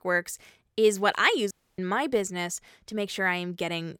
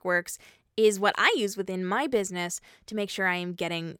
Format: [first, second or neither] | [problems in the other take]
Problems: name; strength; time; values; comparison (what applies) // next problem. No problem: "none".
second | audio cutting out; at 1.5 s